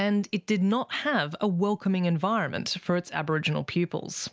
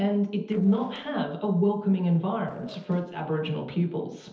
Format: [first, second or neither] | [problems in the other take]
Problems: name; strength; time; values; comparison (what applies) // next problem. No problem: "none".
first | noise reduction (neural separator model SepFormer DNS4)